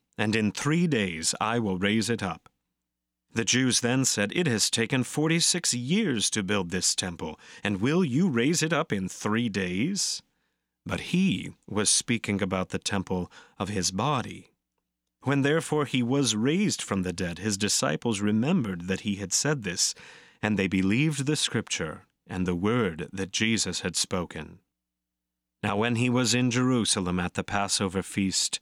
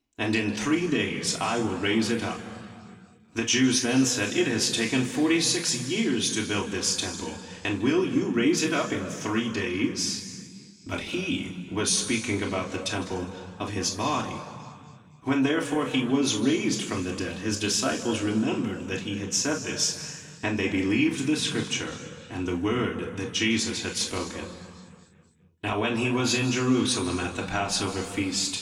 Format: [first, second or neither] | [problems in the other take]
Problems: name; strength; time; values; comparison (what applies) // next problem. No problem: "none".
first | room echo; noticeable; dies away in 1.9 s // off-mic speech; far